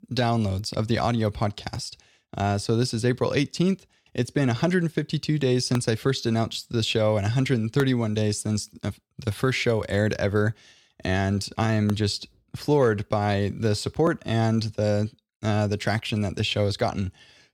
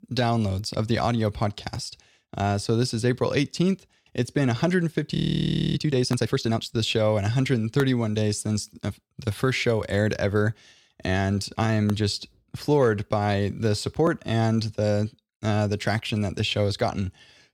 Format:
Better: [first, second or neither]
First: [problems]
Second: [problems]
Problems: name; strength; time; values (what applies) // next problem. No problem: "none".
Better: first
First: none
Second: audio freezing; at 5 s for 0.5 s